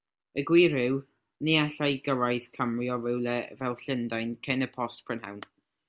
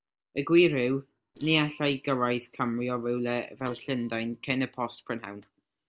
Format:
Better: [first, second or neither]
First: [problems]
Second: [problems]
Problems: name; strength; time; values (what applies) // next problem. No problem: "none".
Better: first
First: none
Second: noise reduction (neural separator model SepFormer DNS4)